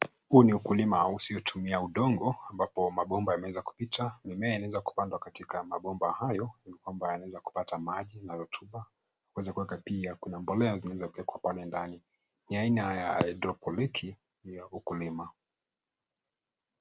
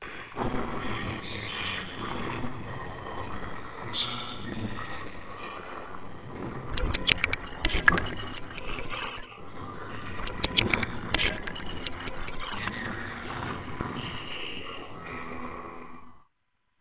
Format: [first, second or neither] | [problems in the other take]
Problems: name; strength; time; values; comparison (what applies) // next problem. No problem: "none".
first | noise reduction (neural separator model SepFormer WHAMR!)